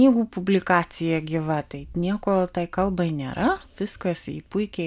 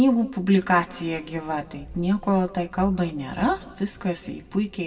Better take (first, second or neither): first